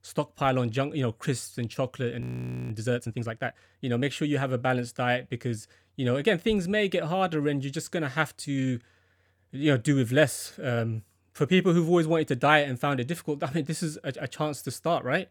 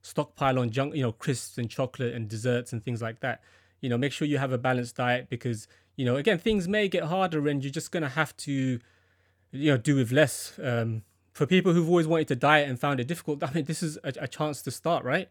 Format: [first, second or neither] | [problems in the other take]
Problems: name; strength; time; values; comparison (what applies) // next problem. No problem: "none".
second | audio freezing; at 2 s